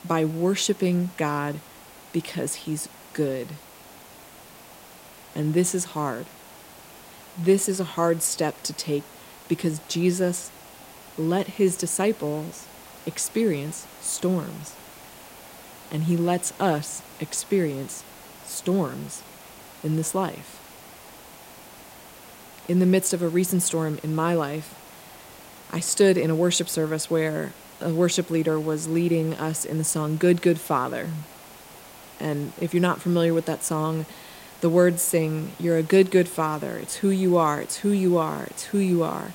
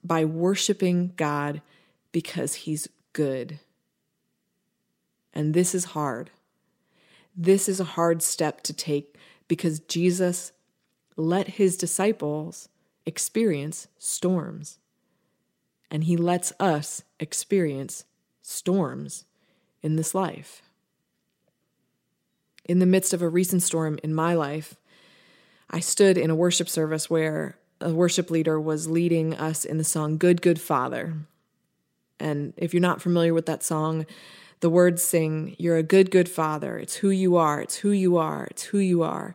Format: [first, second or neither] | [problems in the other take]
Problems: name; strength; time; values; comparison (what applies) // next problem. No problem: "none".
second | hiss; noticeable; throughout; 20 dB below the speech